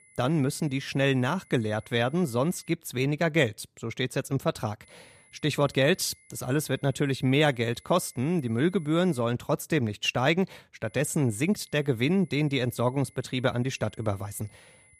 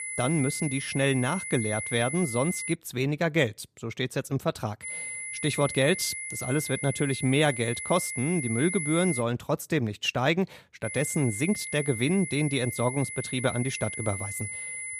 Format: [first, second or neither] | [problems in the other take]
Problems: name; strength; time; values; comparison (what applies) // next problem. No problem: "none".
first | high-pitched whine; loud; until 2.5 s, from 5 to 9 s and from 11 s on; 2 kHz, 6 dB below the speech; faint in the first